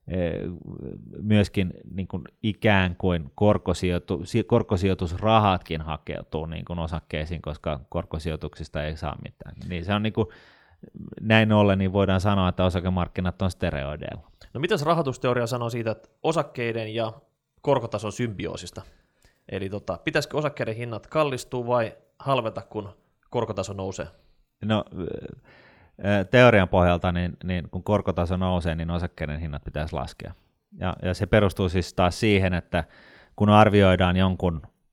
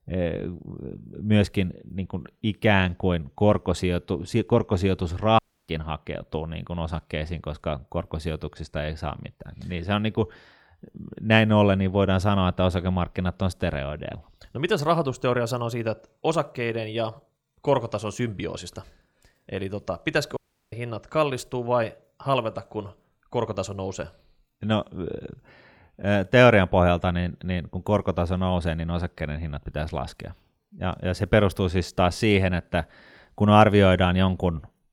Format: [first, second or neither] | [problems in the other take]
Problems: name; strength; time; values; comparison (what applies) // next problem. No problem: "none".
first | audio cutting out; at 5.5 s and at 20 s